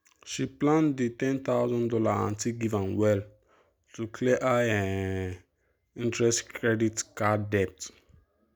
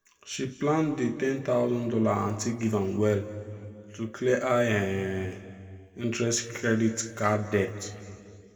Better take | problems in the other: first | room echo; dies away in 1.9 s

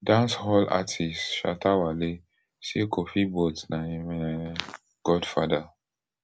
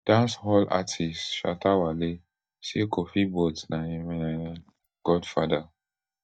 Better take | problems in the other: first | noise reduction (neural mask model DeepFilterNet 3)

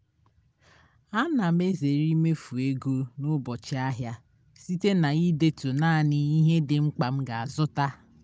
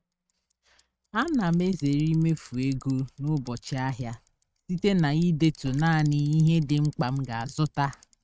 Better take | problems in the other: first | noise reduction (neural mask model RNNoise)

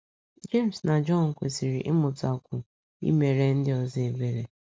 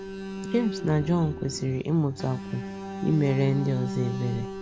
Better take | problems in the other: first | background sound (Alarm); 8 dB below the speech

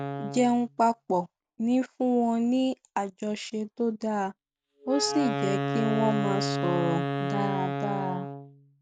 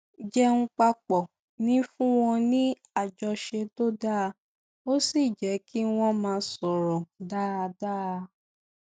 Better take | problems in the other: second | background sound (Wind instrument, woodwind instrument); 5 dB below the speech

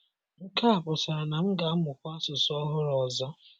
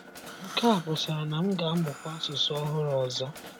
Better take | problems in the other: first | background sound (Breathing + Mechanisms); 15 dB below the speech

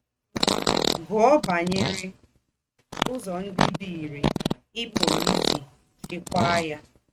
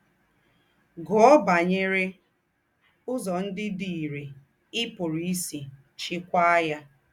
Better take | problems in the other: second | noise reduction (neural mask model RNNoise)

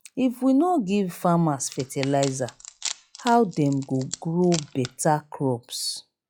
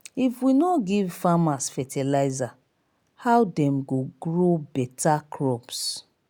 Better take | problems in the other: second | noise reduction (classical method log-MMSE)

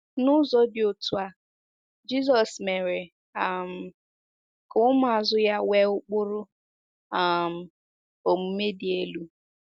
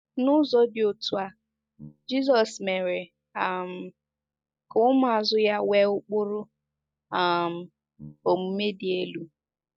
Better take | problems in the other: first | noise reduction (neural mask model DeepFilterNet 3)

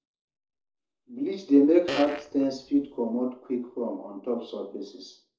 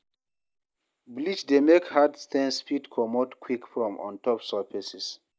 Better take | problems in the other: second | noise reduction (neural separator model SepFormer DNS4)

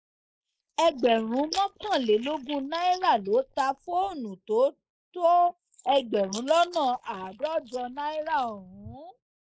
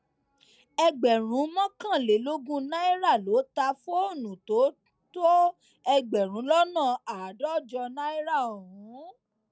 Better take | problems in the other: second | noise reduction (neural mask model Resemble Enhance denoiser)

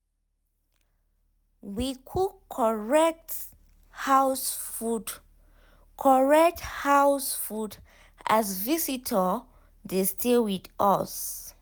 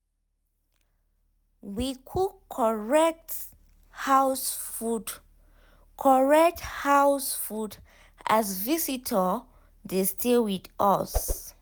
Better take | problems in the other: first | background sound (Whoosh, swoosh, swish); 4 dB below the speech

